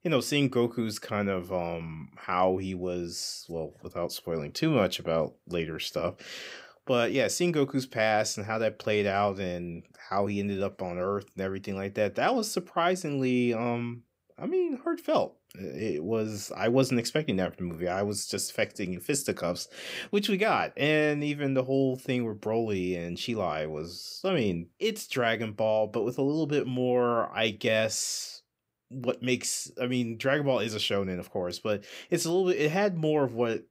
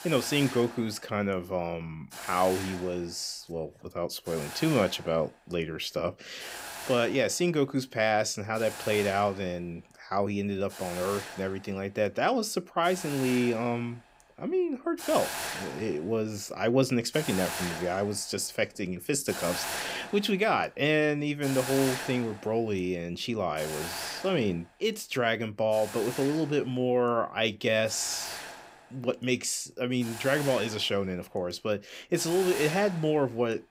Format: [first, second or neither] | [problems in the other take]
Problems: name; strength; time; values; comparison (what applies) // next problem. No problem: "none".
first | hiss; loud; throughout; 9 dB below the speech